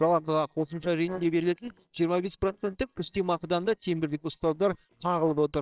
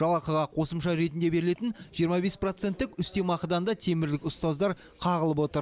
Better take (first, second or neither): second